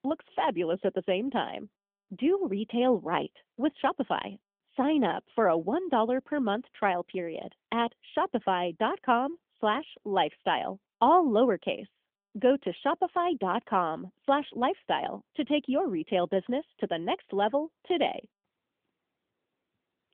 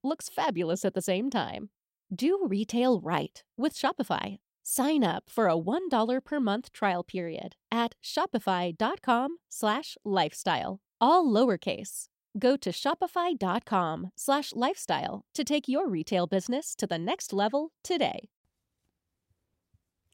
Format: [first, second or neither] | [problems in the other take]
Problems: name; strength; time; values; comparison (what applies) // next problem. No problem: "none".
second | phone-call audio; nothing above 3.5 kHz